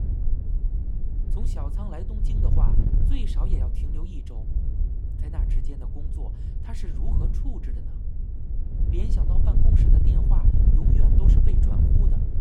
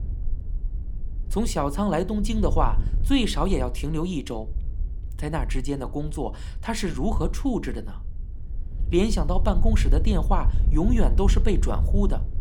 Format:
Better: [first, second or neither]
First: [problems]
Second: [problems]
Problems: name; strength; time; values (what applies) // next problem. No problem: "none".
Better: second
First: wind noise on the microphone; heavy; 3 dB above the speech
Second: wind noise on the microphone; occasional gusts; 20 dB below the speech